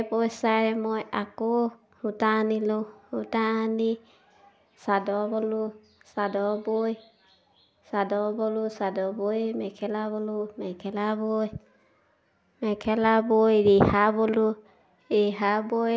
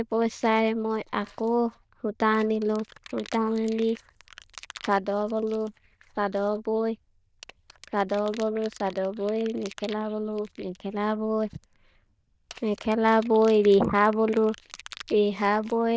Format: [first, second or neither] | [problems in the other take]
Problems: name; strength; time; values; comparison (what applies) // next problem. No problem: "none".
first | noise reduction (neural diffusion model UNIVERSE++)